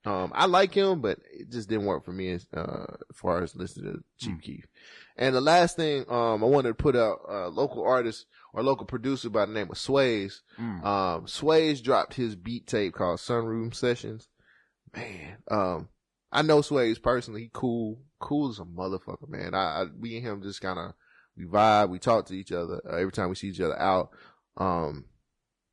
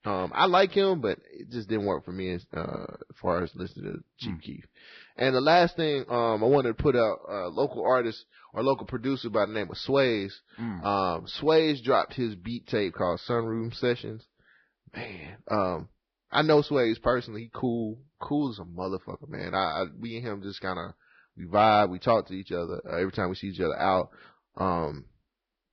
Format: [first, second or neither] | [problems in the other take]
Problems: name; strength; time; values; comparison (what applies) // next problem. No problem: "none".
first | garbled, watery; badly; nothing above 5 kHz; slightly in the first